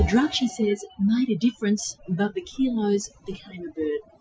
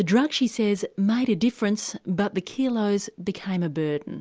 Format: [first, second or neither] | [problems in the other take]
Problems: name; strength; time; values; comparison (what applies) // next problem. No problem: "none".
second | noise reduction (classical method Wiener filter)